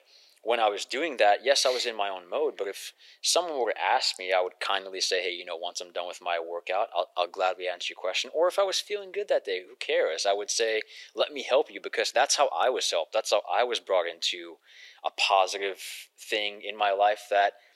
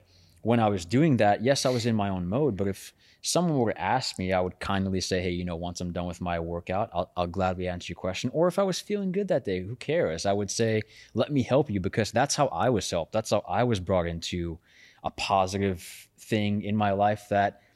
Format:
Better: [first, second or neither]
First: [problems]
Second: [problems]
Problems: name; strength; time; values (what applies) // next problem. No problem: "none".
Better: second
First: thin; very; fading below 400 Hz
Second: none